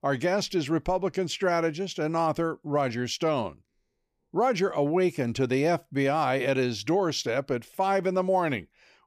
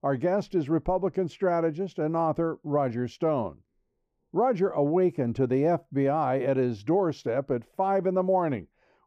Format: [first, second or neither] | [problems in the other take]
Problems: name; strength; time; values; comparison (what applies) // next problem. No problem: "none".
first | muffled; very; fading above 1.5 kHz